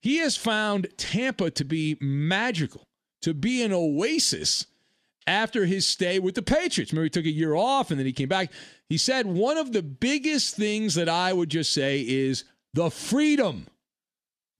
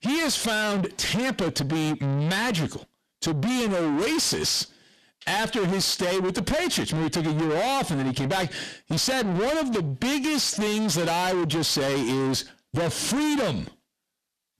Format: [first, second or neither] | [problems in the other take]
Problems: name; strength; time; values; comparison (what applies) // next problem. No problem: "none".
first | distortion; heavy; 6 dB below the speech